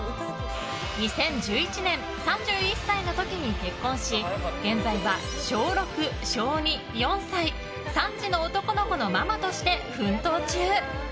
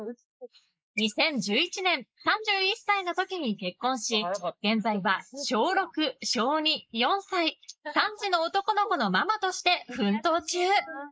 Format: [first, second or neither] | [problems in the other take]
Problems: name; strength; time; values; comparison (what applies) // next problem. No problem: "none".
first | noise reduction (neural mask model Resemble Enhance denoiser)